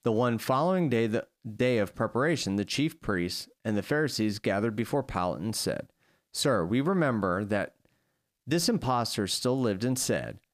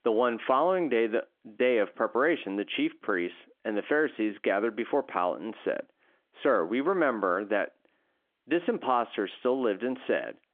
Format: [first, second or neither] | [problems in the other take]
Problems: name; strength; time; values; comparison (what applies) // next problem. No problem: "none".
first | phone-call audio; nothing above 3.5 kHz